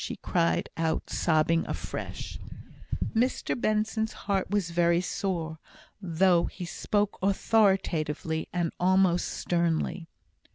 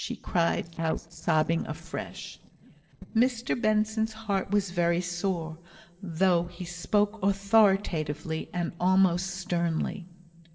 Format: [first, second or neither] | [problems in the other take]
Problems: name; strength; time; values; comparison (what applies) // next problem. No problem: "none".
first | noise reduction (neural separator model SepFormer DNS4)